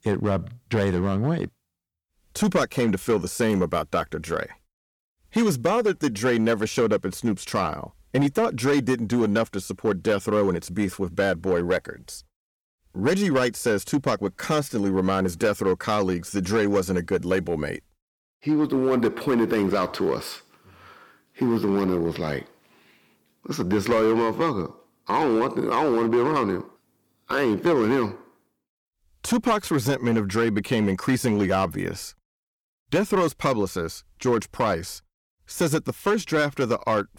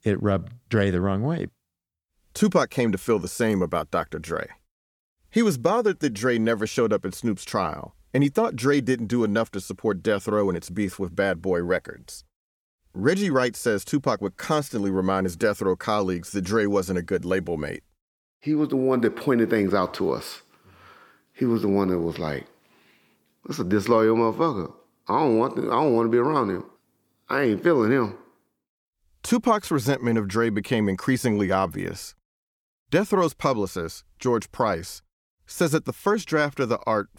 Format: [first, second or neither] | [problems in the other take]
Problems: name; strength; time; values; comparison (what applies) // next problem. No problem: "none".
second | distortion; slight; 6% of the sound clipped